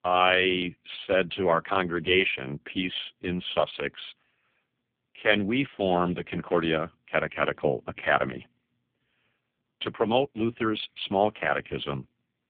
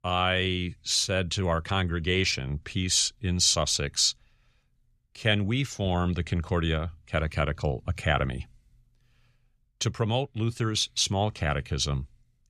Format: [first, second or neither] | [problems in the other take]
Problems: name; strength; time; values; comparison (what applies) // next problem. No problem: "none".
second | phone-call audio; poor line; nothing above 3 kHz